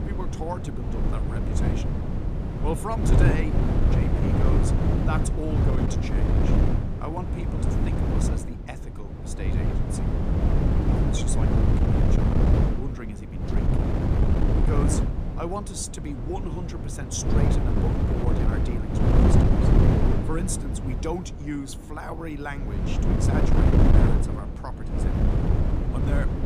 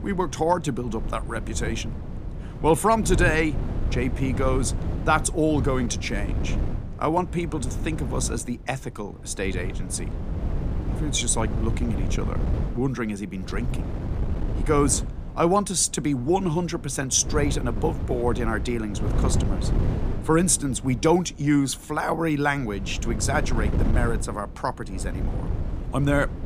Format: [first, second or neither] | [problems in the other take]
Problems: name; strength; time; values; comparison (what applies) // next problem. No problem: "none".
second | wind noise on the microphone; heavy; 4 dB above the speech; occasional gusts in the second